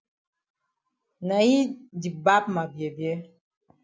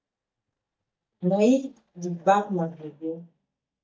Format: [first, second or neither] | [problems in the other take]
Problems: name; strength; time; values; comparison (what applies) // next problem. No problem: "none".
first | noise reduction (neural mask model DeepFilterNet 3)